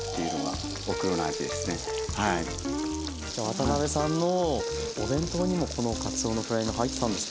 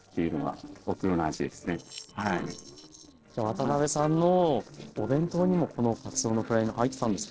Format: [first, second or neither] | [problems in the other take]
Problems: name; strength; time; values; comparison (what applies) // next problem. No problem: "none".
first | noise reduction (neural separator model SepFormer DNS4)